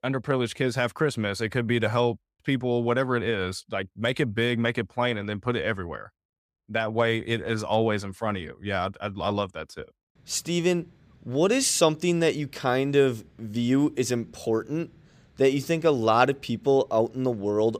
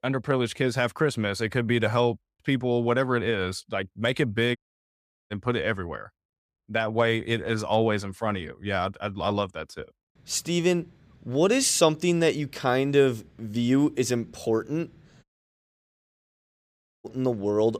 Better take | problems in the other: first | audio cutting out; at 4.5 s for 0.5 s and at 15 s for 2 s

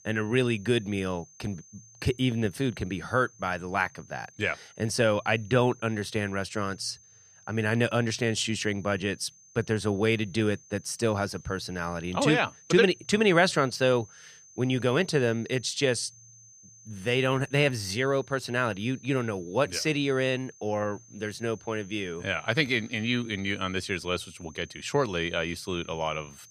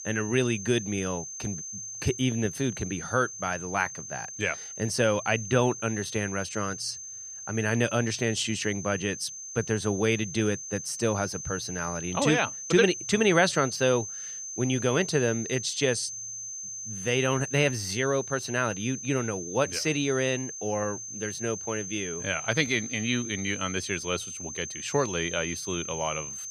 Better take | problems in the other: first | high-pitched whine; loud; throughout; 6.5 kHz, 8 dB below the speech; faint in the first

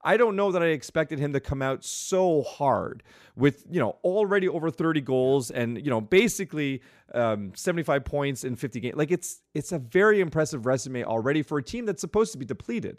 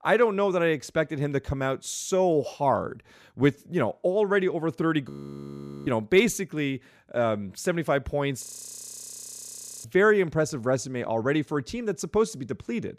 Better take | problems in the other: first | audio freezing; at 5 s for 1 s and at 8.5 s for 1.5 s

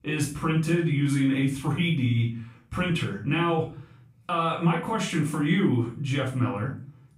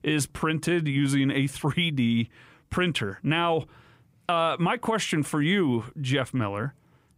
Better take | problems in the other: second | off-mic speech; far // room echo; slight; dies away in 0.4 s

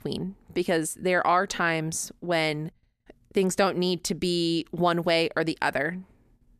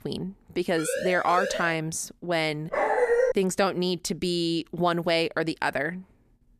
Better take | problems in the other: first | siren; noticeable; at 1 s; peak 4 dB below the speech // dog barking; loud; at 2.5 s; peak 4 dB above the speech

